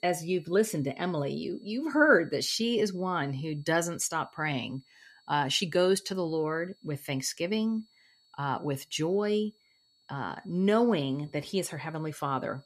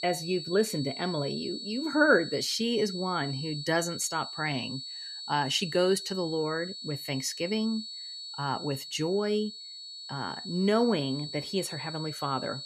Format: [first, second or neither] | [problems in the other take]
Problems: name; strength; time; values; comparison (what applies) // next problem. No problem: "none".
first | high-pitched whine; loud; throughout; 4.5 kHz, 8 dB below the speech; faint in the first